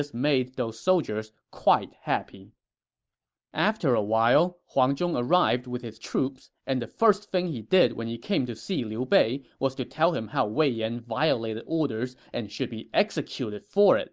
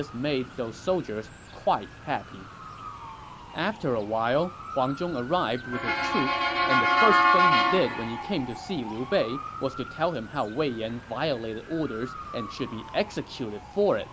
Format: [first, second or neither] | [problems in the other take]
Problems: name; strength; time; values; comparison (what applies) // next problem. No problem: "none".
first | background sound (Motor vehicle (road) / Siren); 1 dB below the speech